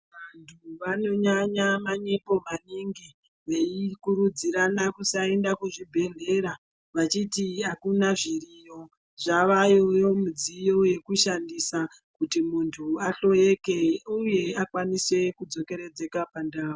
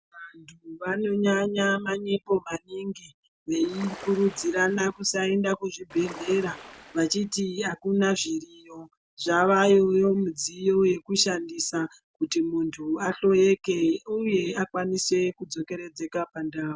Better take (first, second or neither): first